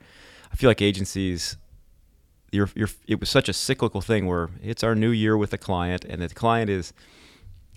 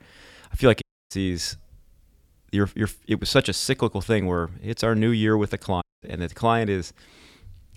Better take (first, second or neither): first